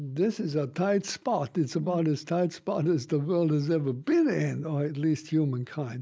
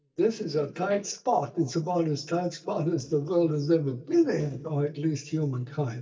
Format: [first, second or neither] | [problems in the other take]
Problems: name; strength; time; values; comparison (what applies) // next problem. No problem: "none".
first | noise reduction (neural mask model DeepFilterNet 3)